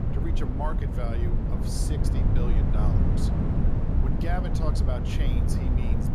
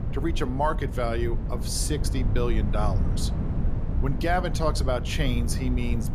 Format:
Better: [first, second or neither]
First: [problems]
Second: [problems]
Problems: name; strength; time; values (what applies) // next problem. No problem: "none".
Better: second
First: wind noise on the microphone; heavy; 1 dB above the speech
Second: wind noise on the microphone; occasional gusts; 10 dB below the speech